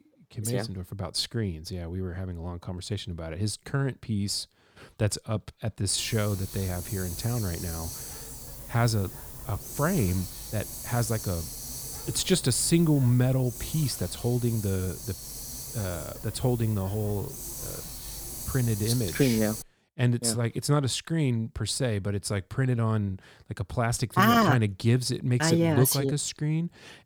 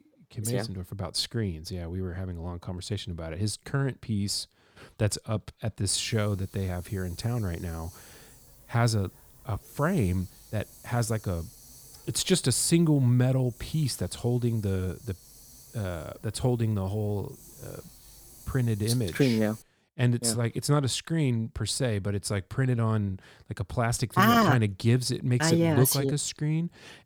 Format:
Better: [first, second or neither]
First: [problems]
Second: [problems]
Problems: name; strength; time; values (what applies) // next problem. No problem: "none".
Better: second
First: hiss; loud; from 6 to 20 s; 9 dB below the speech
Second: hiss; faint; from 6 to 20 s; 20 dB below the speech